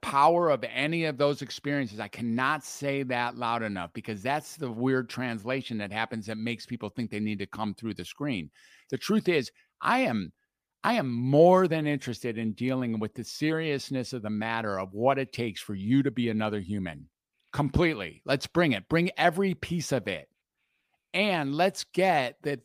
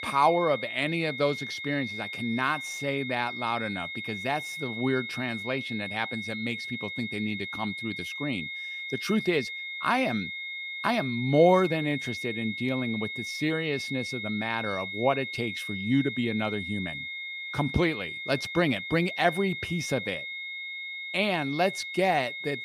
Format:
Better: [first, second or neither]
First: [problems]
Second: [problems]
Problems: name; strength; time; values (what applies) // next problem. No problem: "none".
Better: first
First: none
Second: high-pitched whine; loud; throughout; 2 kHz, 5 dB below the speech